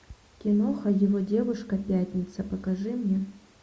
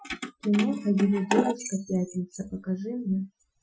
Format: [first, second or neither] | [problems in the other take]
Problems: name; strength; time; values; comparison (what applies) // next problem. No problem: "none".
first | noise reduction (classical method Wiener filter)